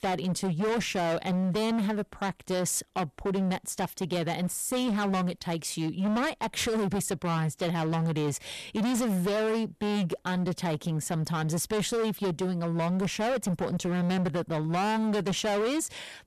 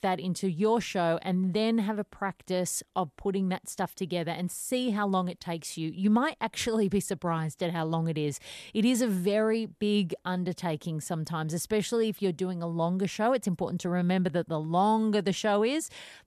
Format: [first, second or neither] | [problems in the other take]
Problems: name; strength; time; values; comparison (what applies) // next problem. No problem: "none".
second | distortion; heavy; 28% of the sound clipped